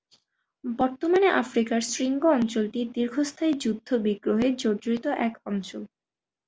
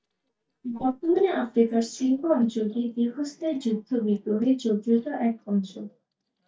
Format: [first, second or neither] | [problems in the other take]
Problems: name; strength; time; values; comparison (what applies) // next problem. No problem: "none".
first | noise reduction (neural mask model DeepFilterNet 3)